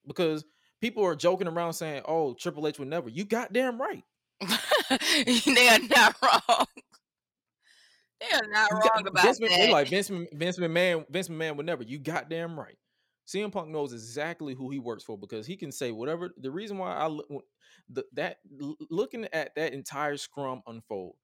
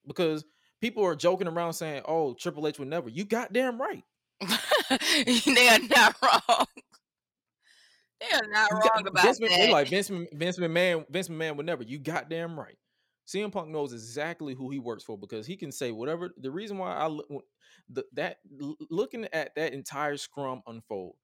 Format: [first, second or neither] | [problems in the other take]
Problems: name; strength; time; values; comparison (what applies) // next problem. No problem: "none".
neither | none